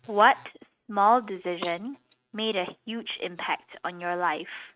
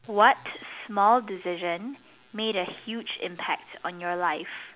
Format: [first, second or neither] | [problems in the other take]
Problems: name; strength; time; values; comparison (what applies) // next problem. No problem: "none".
second | noise reduction (neural mask model RNNoise)